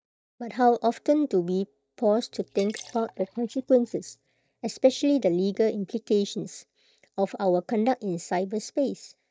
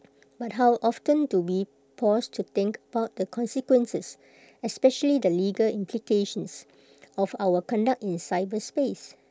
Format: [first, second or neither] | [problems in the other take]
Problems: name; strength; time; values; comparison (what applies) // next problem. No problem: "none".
second | noise reduction (neural mask model DeepFilterNet 3)